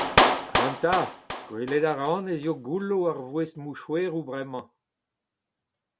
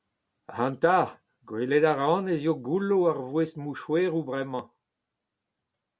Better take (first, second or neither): second